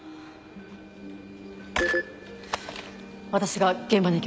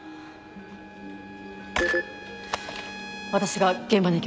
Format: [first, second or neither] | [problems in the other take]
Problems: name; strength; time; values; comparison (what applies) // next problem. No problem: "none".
first | background sound (Trumpet); 15 dB below the speech